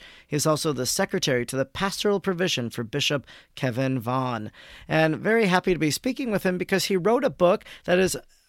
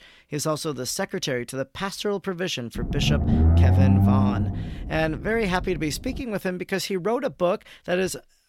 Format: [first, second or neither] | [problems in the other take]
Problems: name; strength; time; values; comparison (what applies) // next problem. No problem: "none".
first | low rumble; loud; from 3 to 6 s; 3 dB below the speech